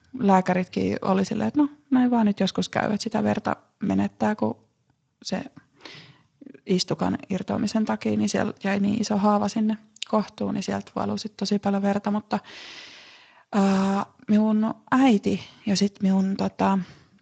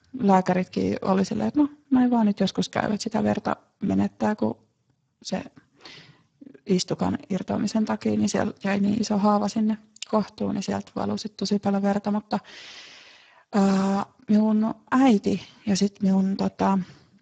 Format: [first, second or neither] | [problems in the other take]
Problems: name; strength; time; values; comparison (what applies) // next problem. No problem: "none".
first | garbled, watery; badly; nothing above 7.5 kHz; slightly in the first